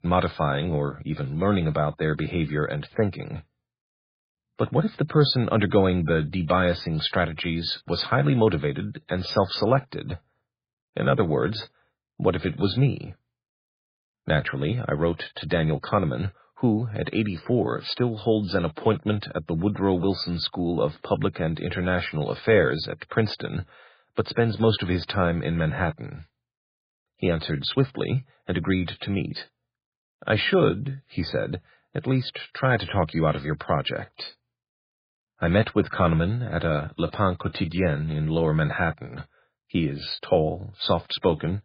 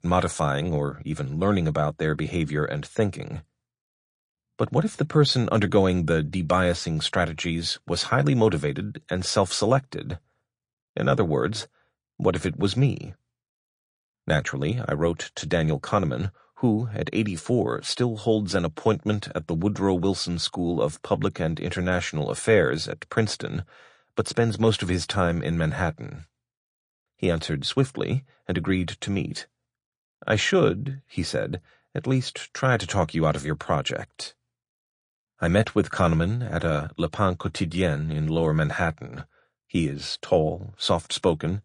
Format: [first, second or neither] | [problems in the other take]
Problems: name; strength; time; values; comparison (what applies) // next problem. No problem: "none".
second | garbled, watery; badly; nothing above 4.5 kHz; slightly in the second